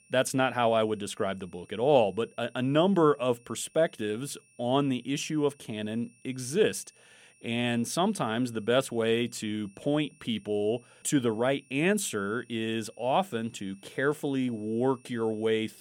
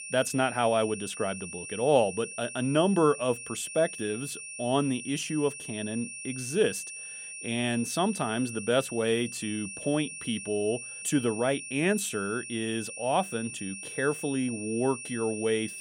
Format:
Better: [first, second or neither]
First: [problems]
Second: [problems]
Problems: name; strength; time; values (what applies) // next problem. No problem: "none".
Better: first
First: high-pitched whine; faint; throughout; 2.5 kHz, 30 dB below the speech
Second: high-pitched whine; loud; throughout; 2.5 kHz, 9 dB below the speech